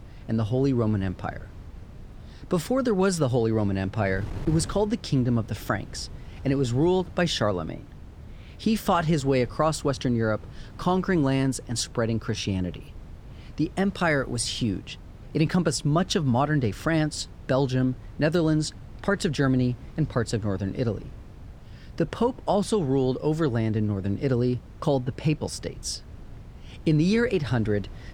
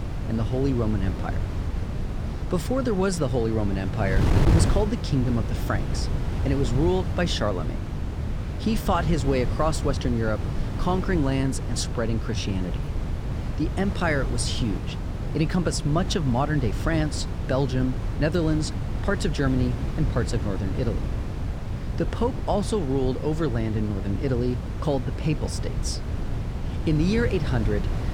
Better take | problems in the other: first | wind noise on the microphone; heavy; 8 dB below the speech; occasional gusts in the first

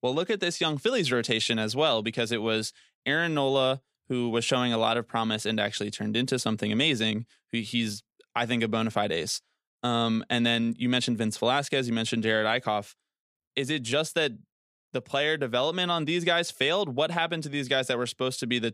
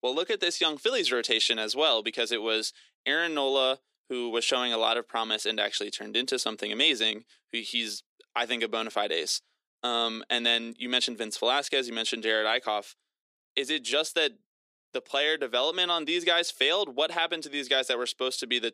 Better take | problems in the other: first | thin; somewhat; fading below 350 Hz

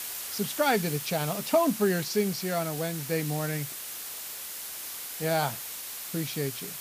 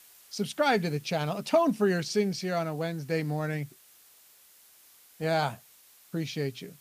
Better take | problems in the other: second | hiss; loud; throughout; 6 dB below the speech; faint in the second

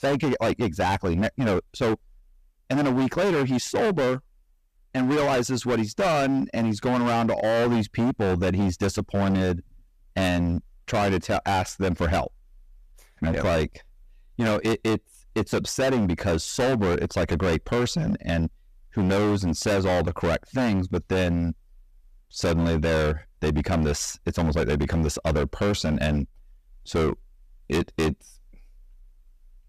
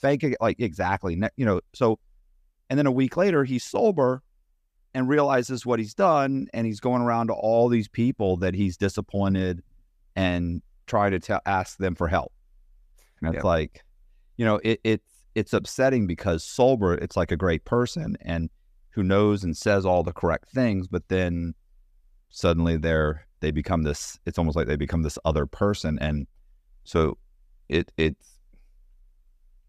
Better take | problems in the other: second | distortion; heavy; 22% of the sound clipped

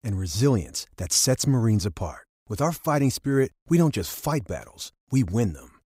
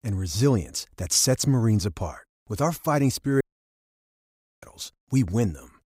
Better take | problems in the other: first | audio cutting out; at 3.5 s for 1 s

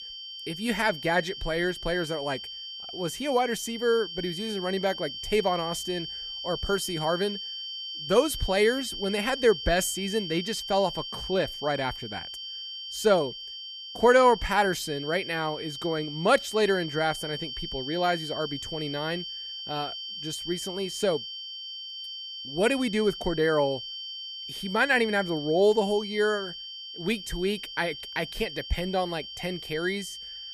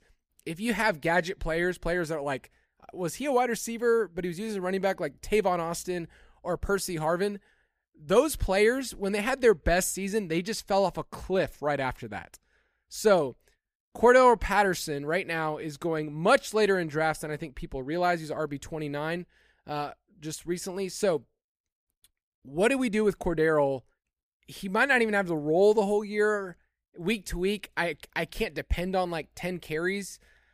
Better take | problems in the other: second | high-pitched whine; loud; throughout; 3 kHz, 8 dB below the speech

